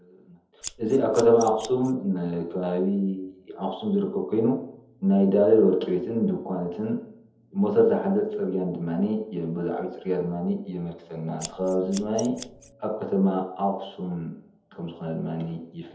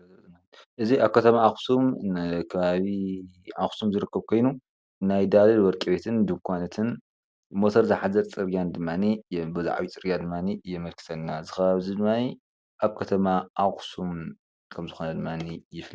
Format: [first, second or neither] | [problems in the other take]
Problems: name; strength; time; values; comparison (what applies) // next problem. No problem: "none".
second | background sound (Scissors); 16 dB below the speech // room echo; dies away in 0.7 s